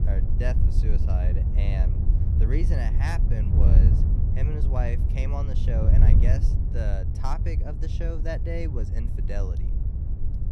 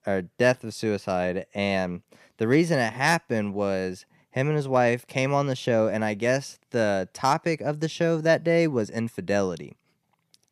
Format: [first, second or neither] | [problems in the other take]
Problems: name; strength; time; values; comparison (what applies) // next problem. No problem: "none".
second | wind noise on the microphone; heavy; 3 dB below the speech